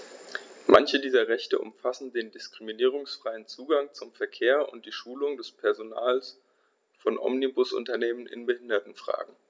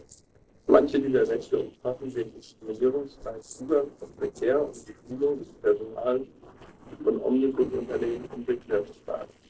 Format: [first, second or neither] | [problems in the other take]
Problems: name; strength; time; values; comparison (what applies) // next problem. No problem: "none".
first | noise reduction (neural separator model SepFormer DNS4)